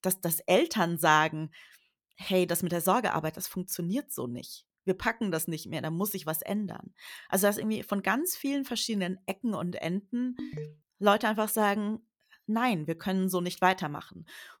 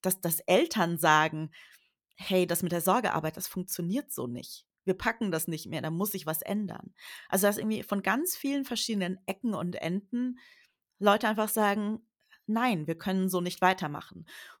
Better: second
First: phone ringing; faint; at 10 s; peak 10 dB below the speech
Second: none

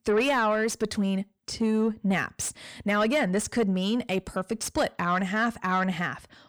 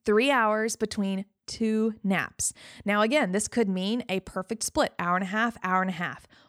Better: second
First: distortion; slight; 10 dB below the speech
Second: none

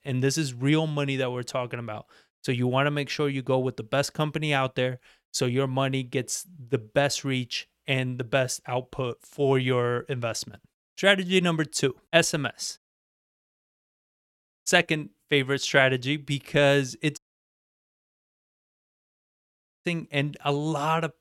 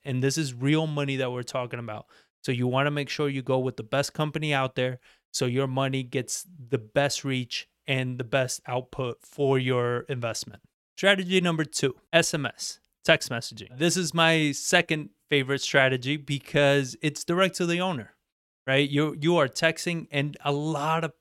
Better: second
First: audio cutting out; at 13 s for 2 s and at 17 s for 2.5 s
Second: none

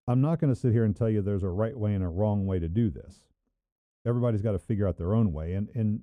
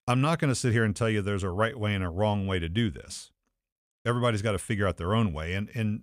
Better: second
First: muffled; very; fading above 1 kHz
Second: none

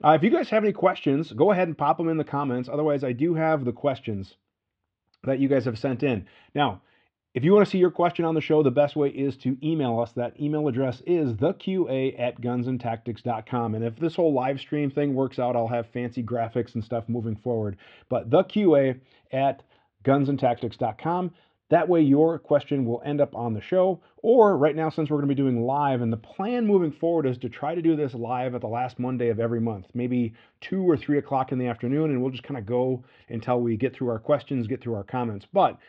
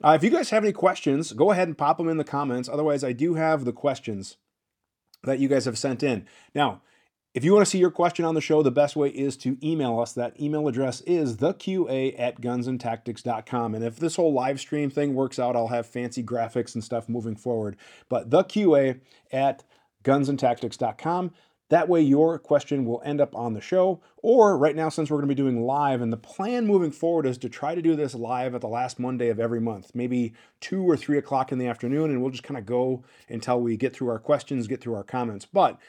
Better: second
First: muffled; slightly; fading above 3.5 kHz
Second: none

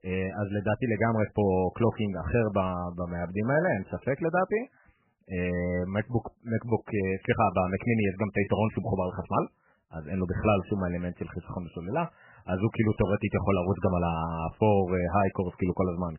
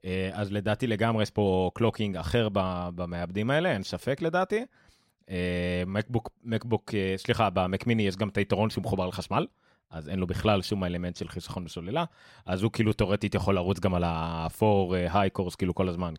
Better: second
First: garbled, watery; badly; nothing above 3 kHz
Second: none

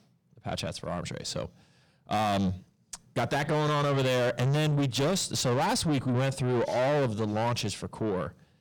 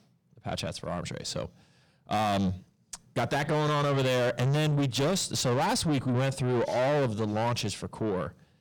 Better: neither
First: distortion; heavy; 7 dB below the speech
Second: distortion; heavy; 7 dB below the speech

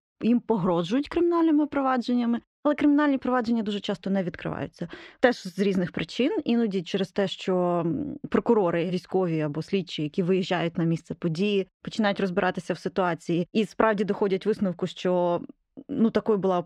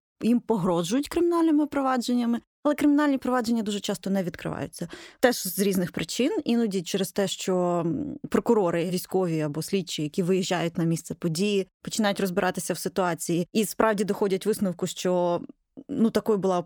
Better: second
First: muffled; slightly; fading above 3 kHz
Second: none

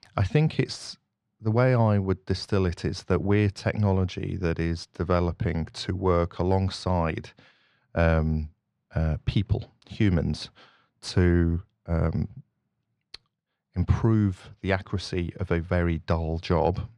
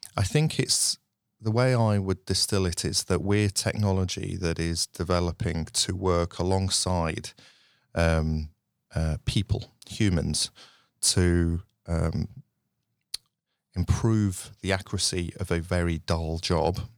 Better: second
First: muffled; slightly; fading above 2.5 kHz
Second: none

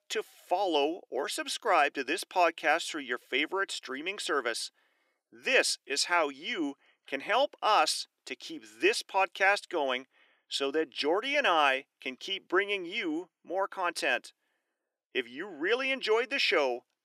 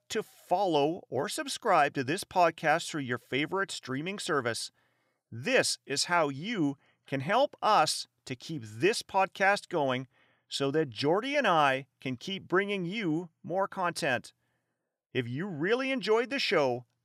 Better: second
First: thin; very slightly; fading below 350 Hz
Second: none

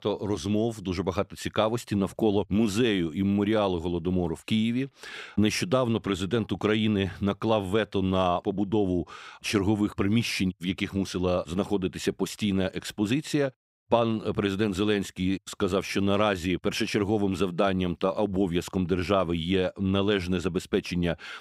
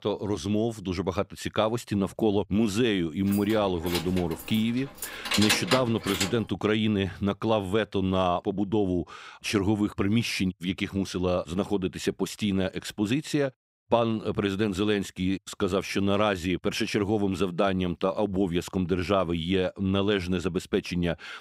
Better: first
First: none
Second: jangling keys; loud; from 3.5 to 6.5 s; peak 3 dB above the speech

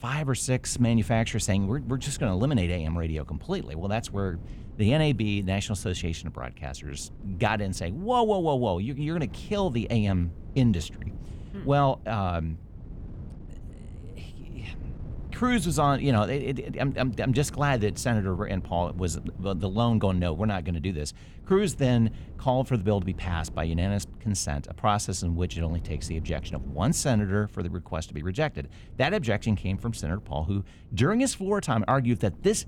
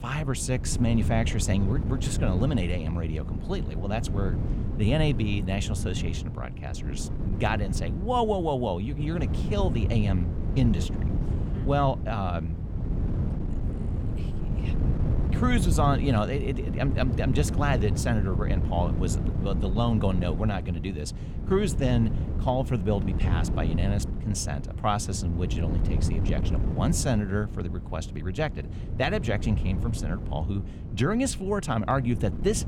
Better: first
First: wind noise on the microphone; occasional gusts; 25 dB below the speech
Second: wind noise on the microphone; heavy; 10 dB below the speech

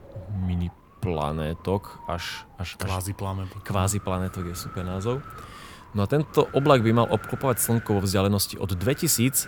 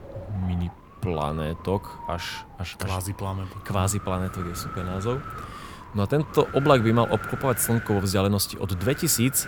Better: first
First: wind noise on the microphone; occasional gusts; 15 dB below the speech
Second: wind noise on the microphone; heavy; 9 dB below the speech

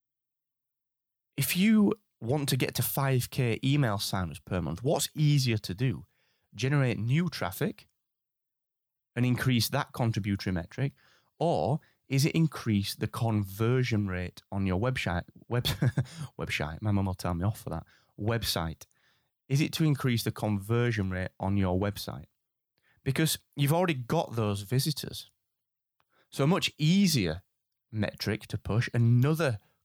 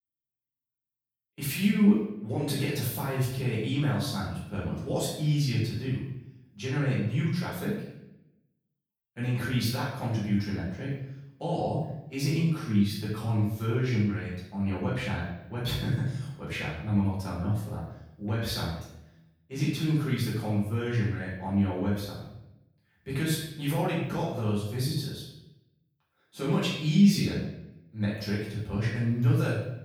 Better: first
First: none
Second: room echo; noticeable; dies away in 0.7 s // off-mic speech; far

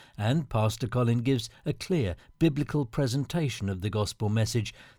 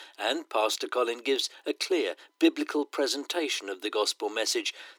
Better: first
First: none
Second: thin; very; fading below 300 Hz

